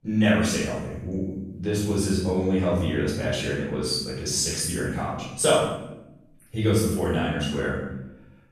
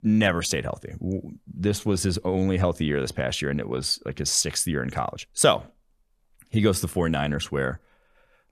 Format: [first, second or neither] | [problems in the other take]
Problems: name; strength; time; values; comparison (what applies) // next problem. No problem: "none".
second | room echo; strong; dies away in 0.8 s // off-mic speech; far